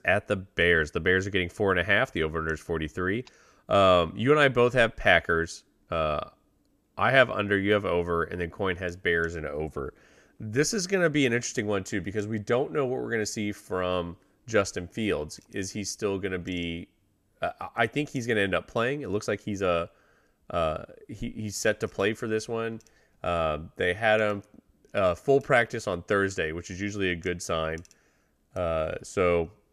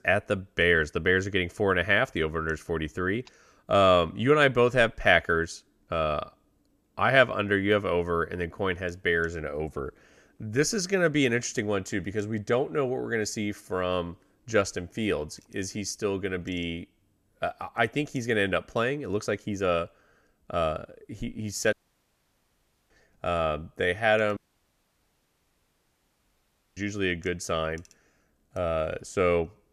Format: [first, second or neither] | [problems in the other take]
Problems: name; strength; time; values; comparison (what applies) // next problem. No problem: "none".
first | audio cutting out; at 22 s for 1 s and at 24 s for 2.5 s